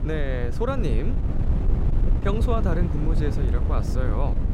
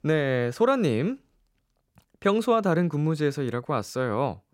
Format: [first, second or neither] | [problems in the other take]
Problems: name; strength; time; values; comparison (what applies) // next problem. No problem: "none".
second | wind noise on the microphone; heavy; 6 dB below the speech